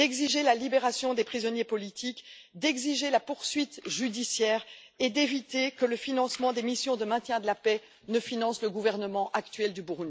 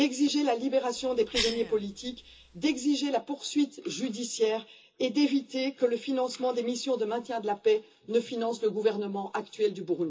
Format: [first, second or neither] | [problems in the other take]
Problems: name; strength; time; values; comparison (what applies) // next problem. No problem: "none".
first | background sound (Cough); 11 dB below the speech // room echo; dies away in 0.2 s